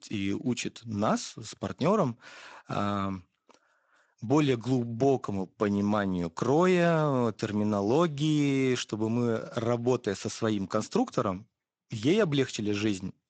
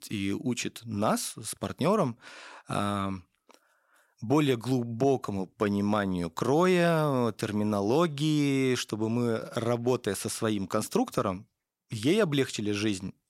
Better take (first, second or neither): second